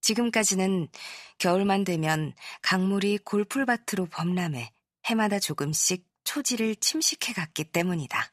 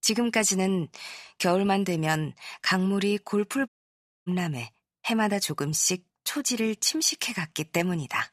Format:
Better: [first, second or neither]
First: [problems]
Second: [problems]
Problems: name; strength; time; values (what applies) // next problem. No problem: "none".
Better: first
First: none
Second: audio cutting out; at 3.5 s for 0.5 s